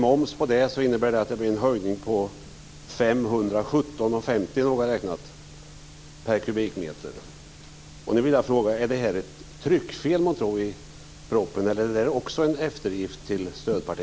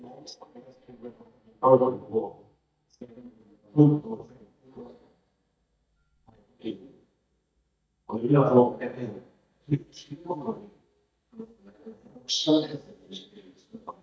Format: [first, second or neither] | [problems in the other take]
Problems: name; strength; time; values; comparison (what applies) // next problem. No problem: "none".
first | noise reduction (neural mask model DeepFilterNet 3)